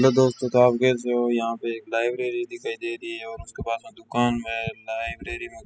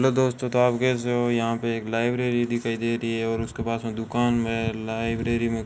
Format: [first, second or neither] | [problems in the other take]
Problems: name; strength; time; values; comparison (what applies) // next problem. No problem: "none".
second | noise reduction (classical method spectral subtraction)